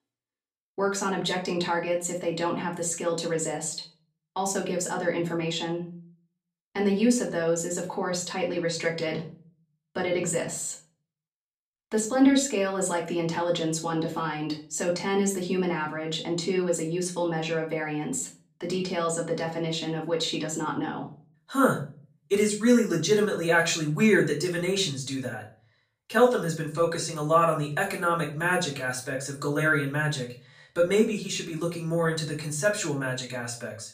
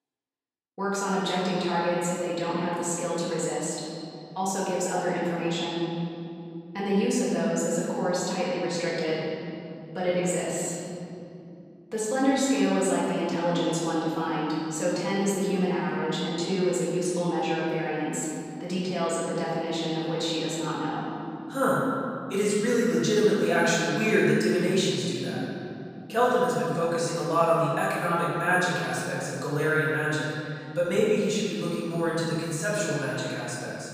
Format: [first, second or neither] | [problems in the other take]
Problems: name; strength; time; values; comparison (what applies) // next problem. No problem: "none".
first | room echo; strong; dies away in 3 s; slight in the first // off-mic speech; far; far in the first